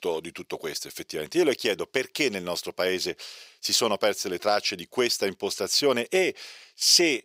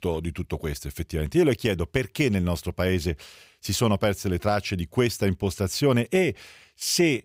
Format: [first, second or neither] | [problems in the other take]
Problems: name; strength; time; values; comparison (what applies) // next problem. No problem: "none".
second | thin; somewhat; fading below 450 Hz